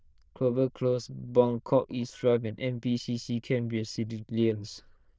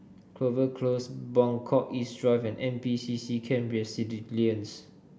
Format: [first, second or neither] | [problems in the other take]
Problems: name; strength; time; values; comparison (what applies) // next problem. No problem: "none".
second | noise reduction (neural diffusion model UNIVERSE++)